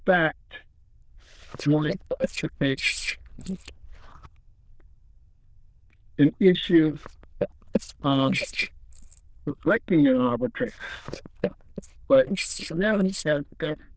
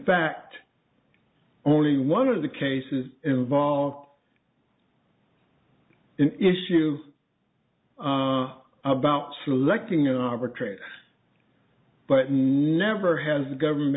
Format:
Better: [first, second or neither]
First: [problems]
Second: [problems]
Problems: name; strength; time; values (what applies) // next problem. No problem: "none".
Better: second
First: noise reduction (neural diffusion model UNIVERSE++)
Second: none